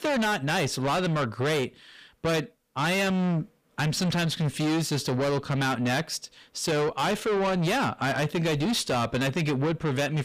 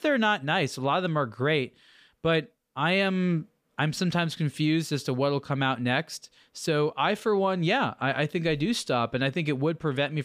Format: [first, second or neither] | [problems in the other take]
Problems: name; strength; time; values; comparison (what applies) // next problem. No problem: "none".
second | distortion; heavy; 7 dB below the speech